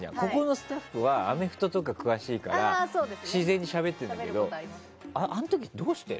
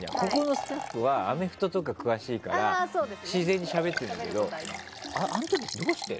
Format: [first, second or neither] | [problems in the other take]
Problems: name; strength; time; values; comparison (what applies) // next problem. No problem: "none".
first | background sound (Liquid); 9 dB below the speech